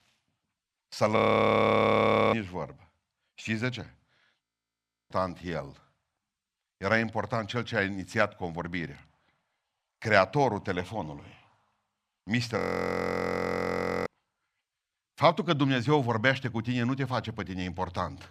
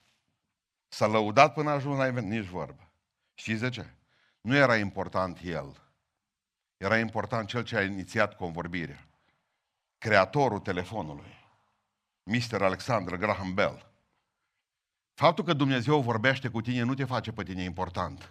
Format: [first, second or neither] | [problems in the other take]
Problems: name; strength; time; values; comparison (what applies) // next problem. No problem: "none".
second | audio freezing; at 1 s for 1 s, at 4.5 s for 0.5 s and at 13 s for 1.5 s